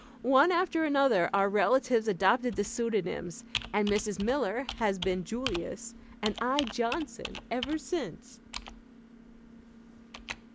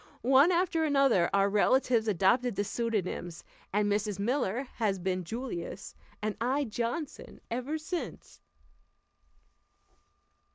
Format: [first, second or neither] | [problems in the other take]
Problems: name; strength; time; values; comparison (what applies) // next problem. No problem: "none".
second | background sound (Computer keyboard); 13 dB below the speech